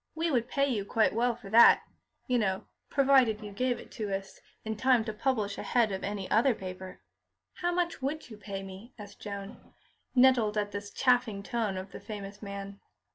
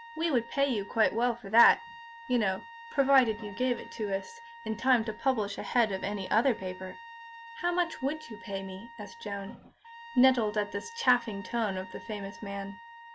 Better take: first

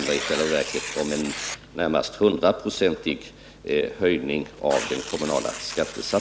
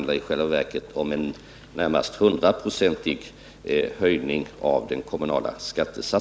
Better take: second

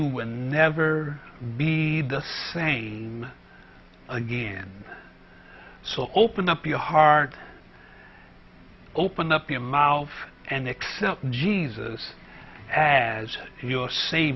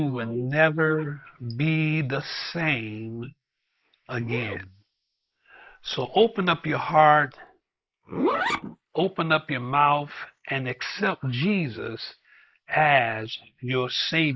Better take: first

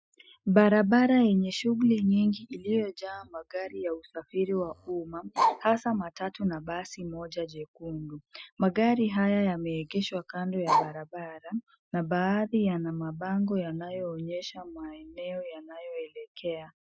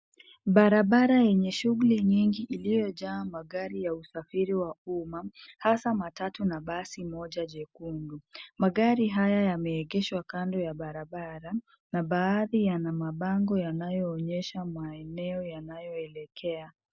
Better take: second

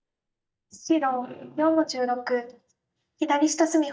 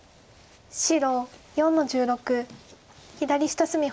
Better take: second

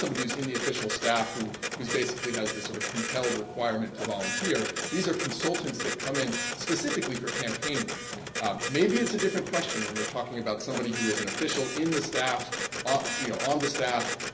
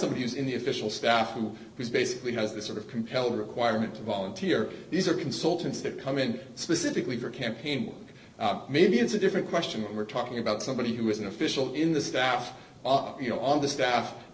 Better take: second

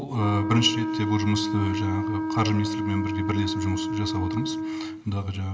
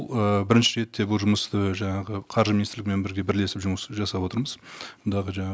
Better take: second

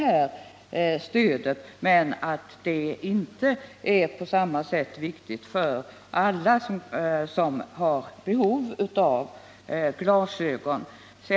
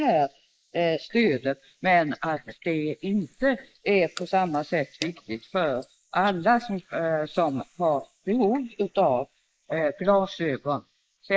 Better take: first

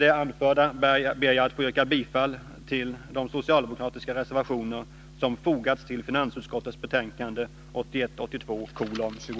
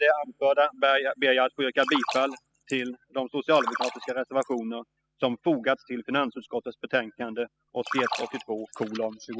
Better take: first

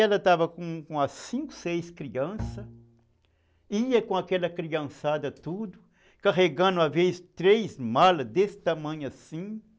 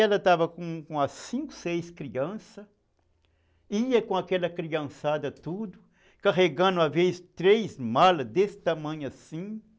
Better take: second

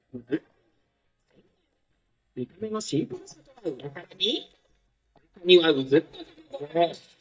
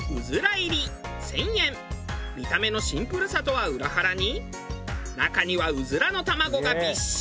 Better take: second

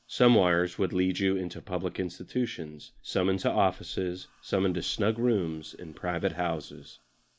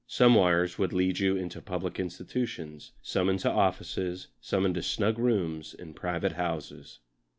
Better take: second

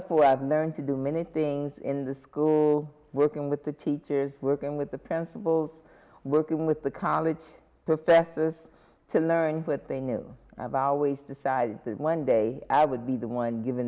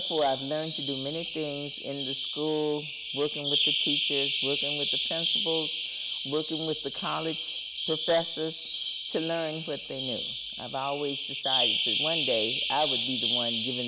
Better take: first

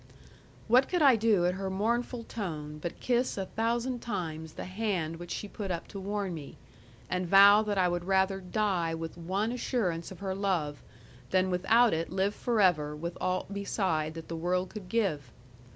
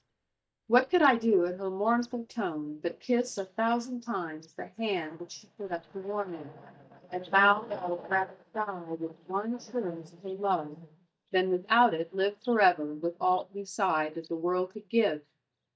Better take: first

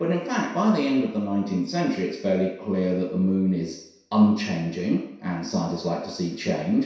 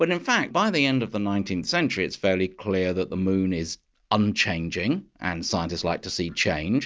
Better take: second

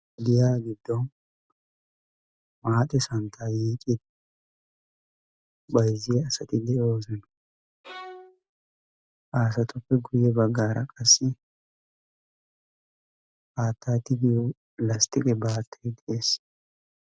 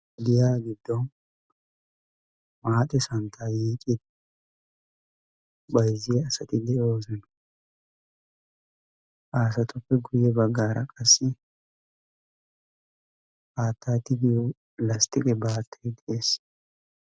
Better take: second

